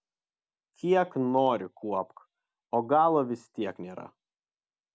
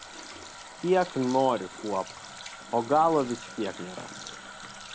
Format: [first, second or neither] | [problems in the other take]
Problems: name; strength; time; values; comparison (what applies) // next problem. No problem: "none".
first | background sound (Water tap, faucet); 14 dB below the speech